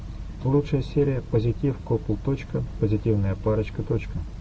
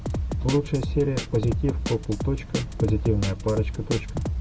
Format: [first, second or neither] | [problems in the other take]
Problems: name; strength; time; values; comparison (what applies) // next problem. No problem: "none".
first | background sound (Drum kit); 4 dB below the speech